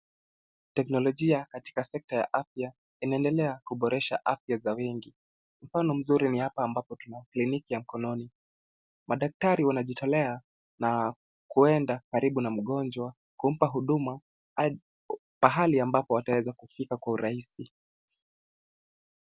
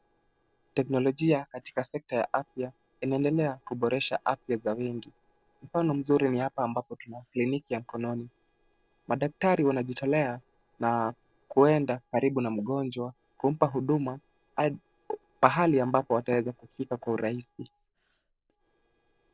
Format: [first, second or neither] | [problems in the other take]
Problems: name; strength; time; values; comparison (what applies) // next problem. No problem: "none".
first | noise reduction (neural separator model SepFormer DNS4)